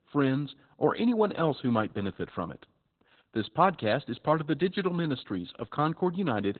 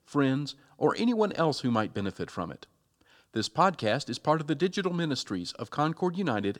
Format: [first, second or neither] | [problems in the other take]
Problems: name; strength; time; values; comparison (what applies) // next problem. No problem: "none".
second | garbled, watery; badly; nothing above 4 kHz